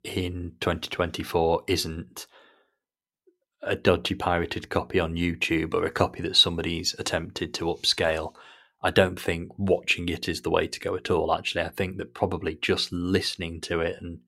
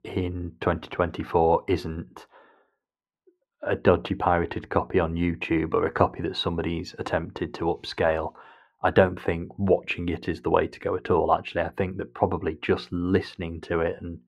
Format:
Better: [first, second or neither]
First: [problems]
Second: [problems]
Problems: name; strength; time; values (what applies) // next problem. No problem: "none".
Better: first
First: none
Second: muffled; very; fading above 3 kHz